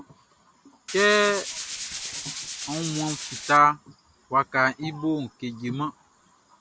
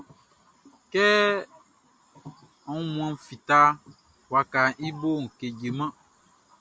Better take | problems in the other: second | background sound (Tools); 8 dB below the speech

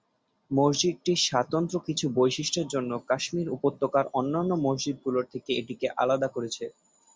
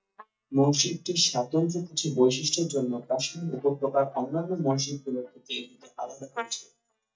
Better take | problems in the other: first | noise reduction (neural mask model DeepFilterNet 3)

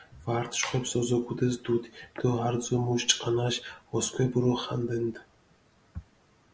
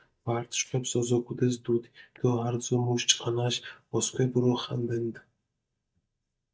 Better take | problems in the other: first | noise reduction (neural mask model DeepFilterNet 3)

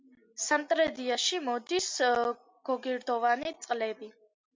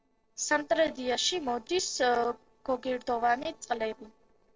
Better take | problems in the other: first | noise reduction (neural separator model SepFormer DNS4)

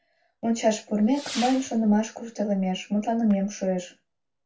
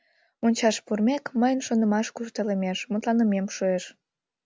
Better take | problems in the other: second | background sound (Whoosh, swoosh, swish / Fireworks); 19 dB below the speech // room echo; dies away in 0.2 s

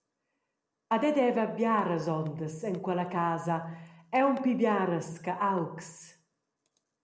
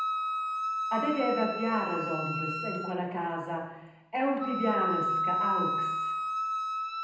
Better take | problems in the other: first | background sound (Wind instrument, woodwind instrument); as loud as the speech // room echo; dies away in 0.8 s

